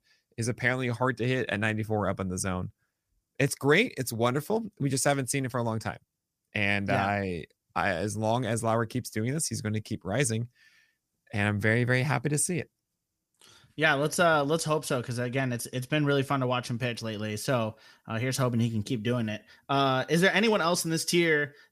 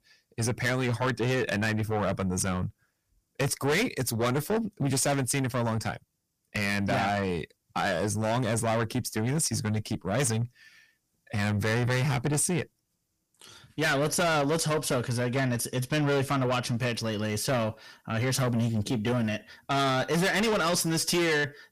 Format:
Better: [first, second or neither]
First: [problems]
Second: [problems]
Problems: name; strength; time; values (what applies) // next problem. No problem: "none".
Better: first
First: none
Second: distortion; heavy; 6 dB below the speech